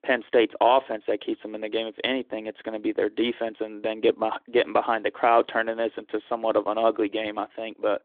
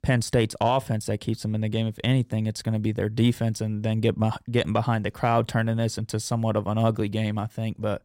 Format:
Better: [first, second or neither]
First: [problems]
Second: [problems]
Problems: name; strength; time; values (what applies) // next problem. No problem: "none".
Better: second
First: phone-call audio; nothing above 3.5 kHz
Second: none